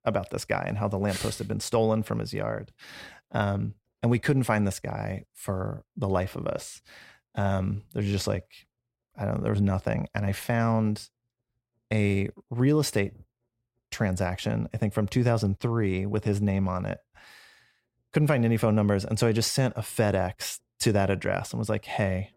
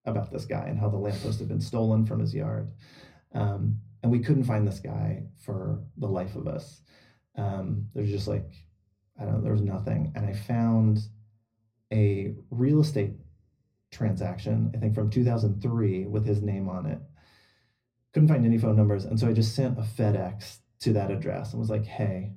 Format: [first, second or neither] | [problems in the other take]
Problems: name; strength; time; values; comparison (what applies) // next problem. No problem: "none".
first | room echo; very slight; dies away in 0.4 s // off-mic speech; somewhat distant